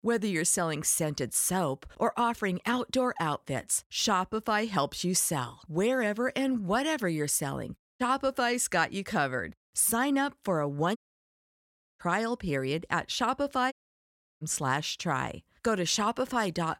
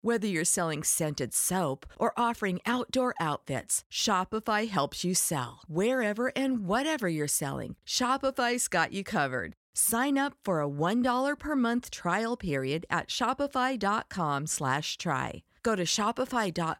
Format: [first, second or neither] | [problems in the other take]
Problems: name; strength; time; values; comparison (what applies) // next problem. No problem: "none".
second | audio cutting out; at 8 s, at 11 s for 1 s and at 14 s for 0.5 s